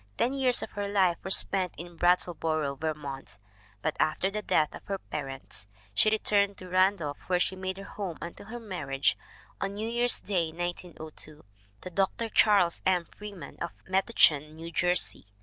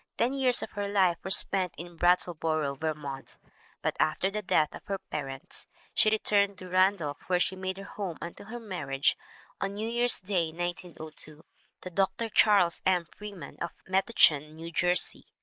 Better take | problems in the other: first | noise reduction (neural mask model Resemble Enhance denoiser)

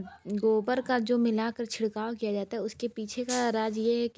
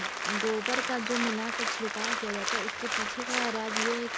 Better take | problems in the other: first | background sound (Applause); 2 dB above the speech

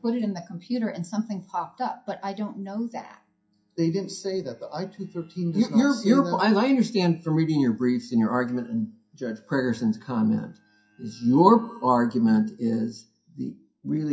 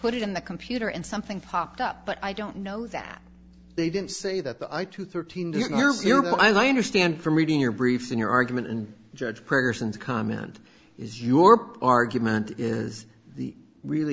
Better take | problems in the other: second | noise reduction (classical method WPE with log-MMSE)

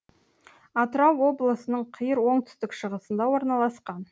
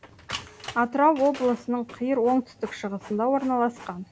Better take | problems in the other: first | background sound (Printer); 18 dB below the speech

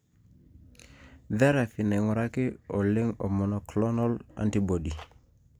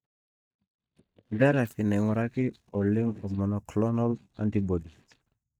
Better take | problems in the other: first | noise reduction (neural mask model DeepFilterNet 3)

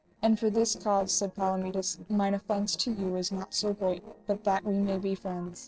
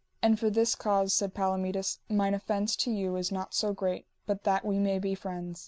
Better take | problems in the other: second | noise reduction (neural separator model SepFormer DNS4)

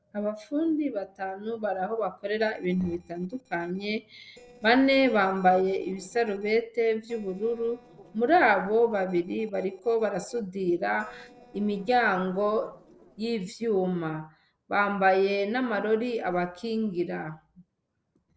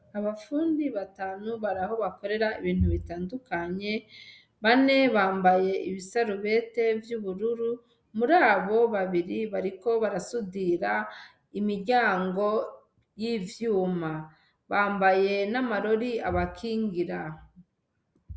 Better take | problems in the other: second | noise reduction (neural separator model SepFormer DNS4)

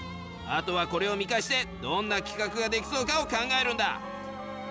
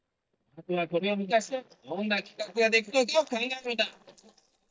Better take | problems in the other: first | noise reduction (neural mask model DeepFilterNet 3)

